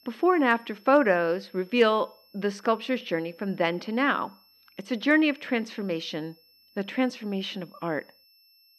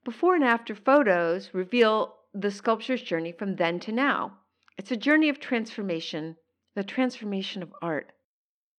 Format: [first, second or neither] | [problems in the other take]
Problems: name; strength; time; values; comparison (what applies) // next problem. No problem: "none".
second | high-pitched whine; faint; throughout; 5.5 kHz, 30 dB below the speech